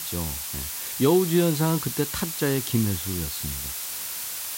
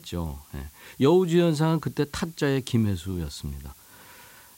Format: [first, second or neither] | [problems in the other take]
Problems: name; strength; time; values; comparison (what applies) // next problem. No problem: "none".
second | hiss; loud; throughout; 4 dB below the speech; faint in the second